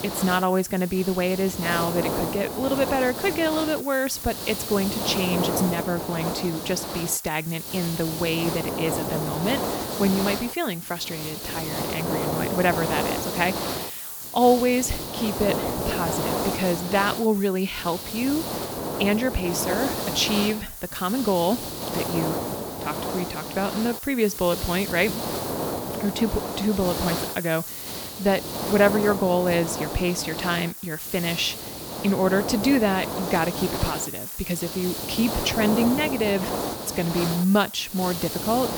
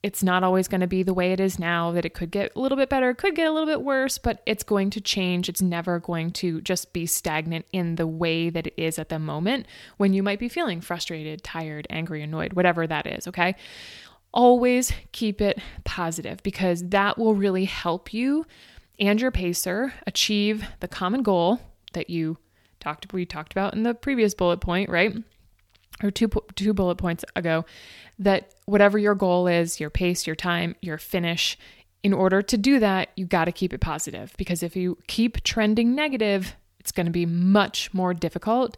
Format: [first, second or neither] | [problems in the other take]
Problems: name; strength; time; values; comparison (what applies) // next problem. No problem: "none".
second | hiss; loud; throughout; 4 dB below the speech